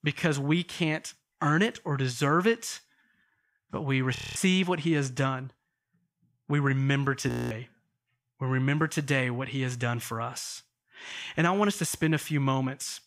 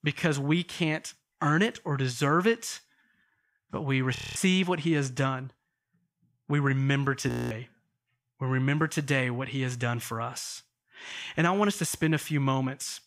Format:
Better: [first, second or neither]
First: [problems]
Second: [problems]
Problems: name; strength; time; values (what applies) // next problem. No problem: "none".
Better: neither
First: audio freezing; at 4 s and at 7.5 s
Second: audio freezing; at 4 s and at 7.5 s